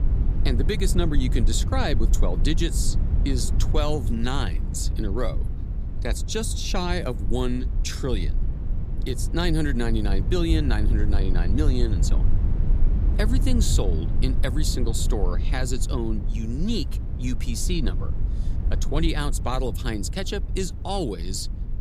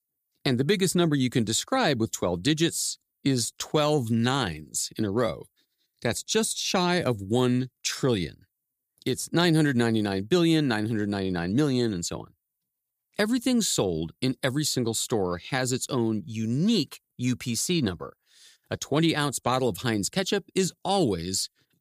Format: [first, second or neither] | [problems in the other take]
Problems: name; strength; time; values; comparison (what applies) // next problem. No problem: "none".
second | low rumble; noticeable; throughout; 10 dB below the speech